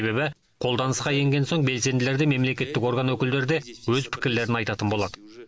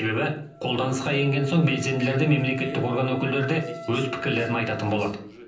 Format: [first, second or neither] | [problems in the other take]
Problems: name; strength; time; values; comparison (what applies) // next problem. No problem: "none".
first | background sound (Wind instrument, woodwind instrument); 15 dB below the speech // room echo; dies away in 0.6 s